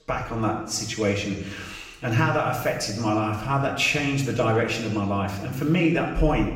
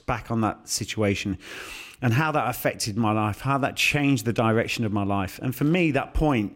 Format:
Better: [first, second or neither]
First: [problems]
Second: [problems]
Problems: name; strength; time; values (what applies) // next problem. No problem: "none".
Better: second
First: room echo; noticeable; dies away in 0.9 s // off-mic speech; far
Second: none